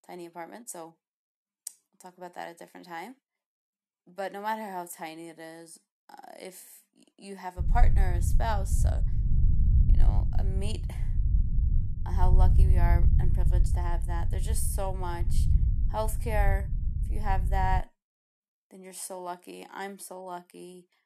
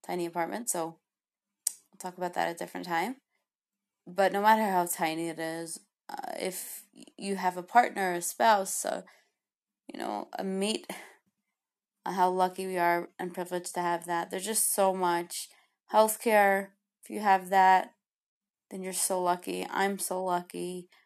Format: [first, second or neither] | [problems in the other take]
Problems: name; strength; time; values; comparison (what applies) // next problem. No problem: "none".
second | low rumble; loud; from 7.5 to 18 s; 9 dB below the speech